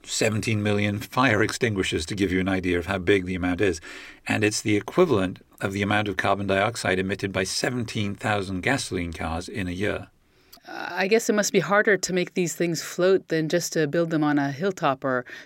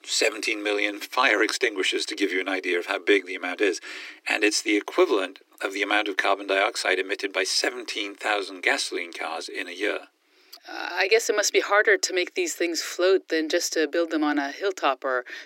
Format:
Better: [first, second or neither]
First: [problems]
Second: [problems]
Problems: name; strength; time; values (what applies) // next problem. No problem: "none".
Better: first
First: none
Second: thin; somewhat; fading below 300 Hz